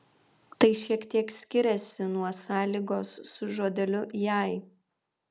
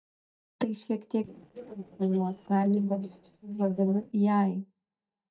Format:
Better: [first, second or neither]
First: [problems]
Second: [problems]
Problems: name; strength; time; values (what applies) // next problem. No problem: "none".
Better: first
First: none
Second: noise reduction (neural mask model DeepFilterNet 3)